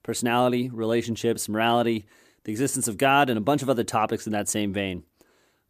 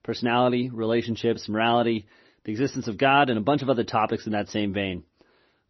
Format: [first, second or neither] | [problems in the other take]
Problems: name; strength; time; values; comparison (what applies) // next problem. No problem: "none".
first | garbled, watery; slightly; nothing above 6 kHz